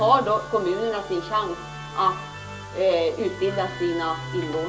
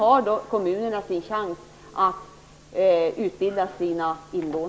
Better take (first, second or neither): second